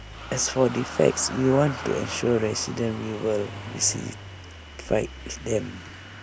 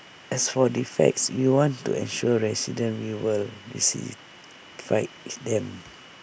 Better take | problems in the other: second | background sound (Engine starting / Motor vehicle (road)); 12 dB below the speech

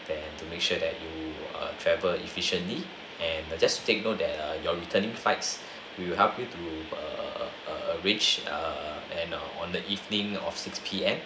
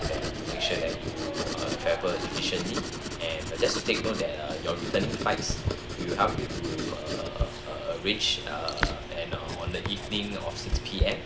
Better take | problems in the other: first | background sound (Writing); 1 dB below the speech

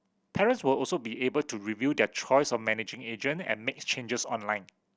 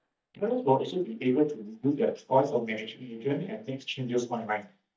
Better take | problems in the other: first | noise reduction (neural mask model DeepFilterNet 3)

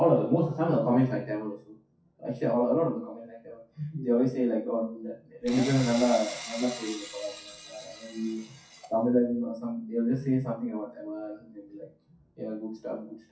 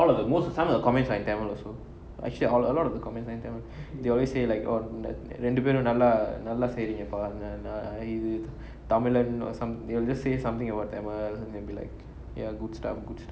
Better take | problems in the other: second | noise reduction (classical method WPE with log-MMSE)

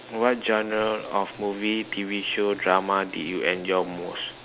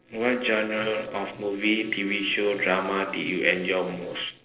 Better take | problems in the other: first | noise reduction (neural separator model SepFormer DNS4)

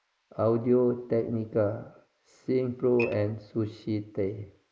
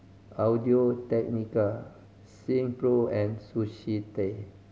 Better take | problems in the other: second | noise reduction (neural mask model Resemble Enhance denoiser)

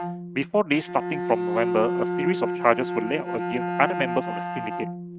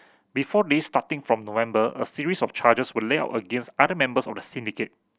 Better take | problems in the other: second | noise reduction (neural mask model RNNoise)

